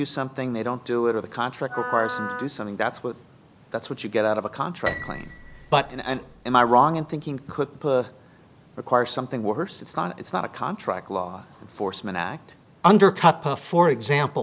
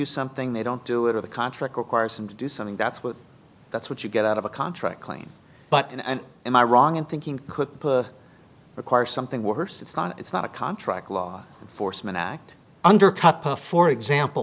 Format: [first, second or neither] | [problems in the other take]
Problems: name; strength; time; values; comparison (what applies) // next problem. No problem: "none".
second | background sound (Piano + Wind instrument, woodwind instrument); 12 dB below the speech